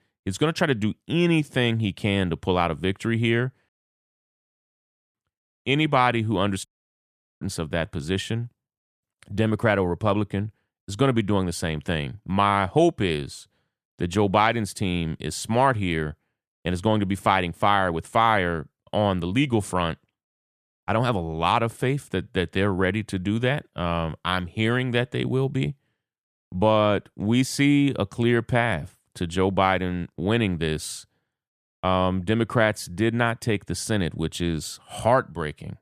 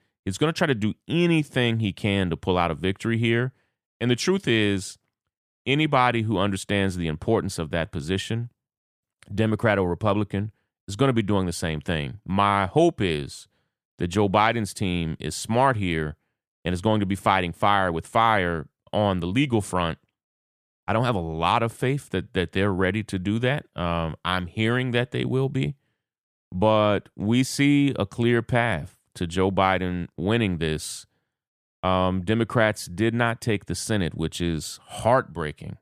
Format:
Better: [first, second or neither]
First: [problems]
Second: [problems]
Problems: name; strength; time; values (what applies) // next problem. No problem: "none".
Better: second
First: audio cutting out; at 3.5 s for 1.5 s and at 6.5 s for 1 s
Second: none